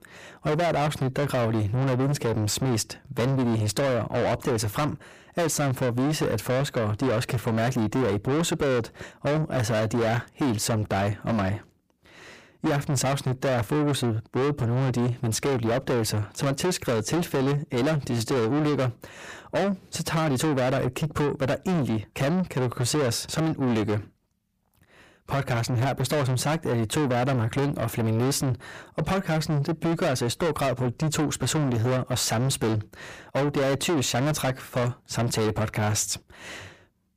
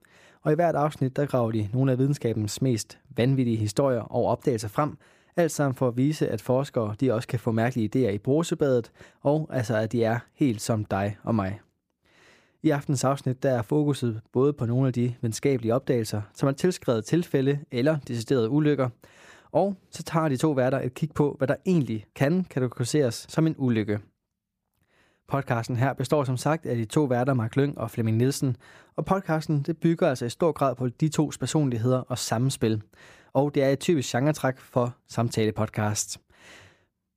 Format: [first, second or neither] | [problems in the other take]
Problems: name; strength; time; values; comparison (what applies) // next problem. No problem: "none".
second | distortion; heavy; 6 dB below the speech